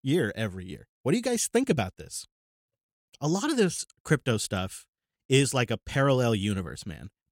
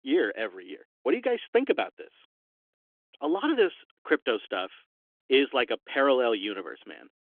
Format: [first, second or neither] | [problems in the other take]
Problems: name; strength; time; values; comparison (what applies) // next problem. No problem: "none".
first | phone-call audio; nothing above 3.5 kHz